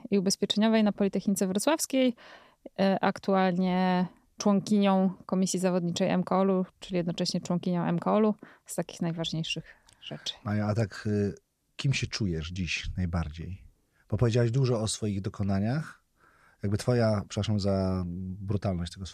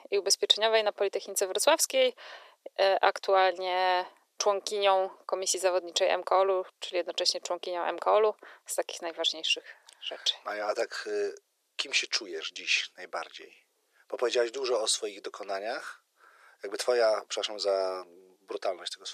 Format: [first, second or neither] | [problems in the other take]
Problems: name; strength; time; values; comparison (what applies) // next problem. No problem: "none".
first | thin; very; fading below 400 Hz